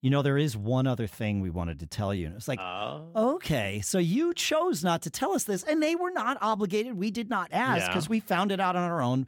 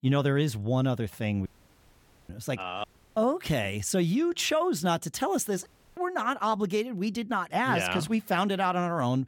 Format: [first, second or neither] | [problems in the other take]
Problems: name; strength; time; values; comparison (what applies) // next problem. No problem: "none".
first | audio cutting out; at 1.5 s for 1 s, at 3 s and at 5.5 s